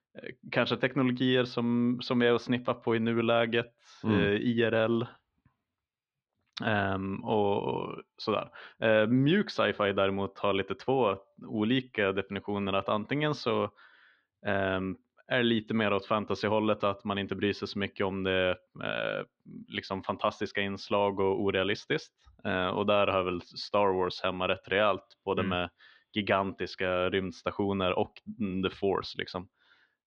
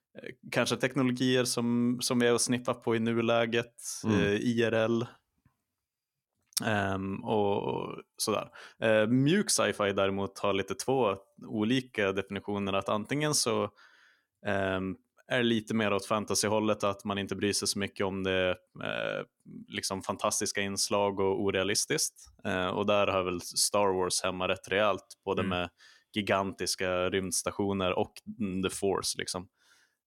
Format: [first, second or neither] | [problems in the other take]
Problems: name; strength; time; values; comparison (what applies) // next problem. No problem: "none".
second | muffled; slightly; fading above 4 kHz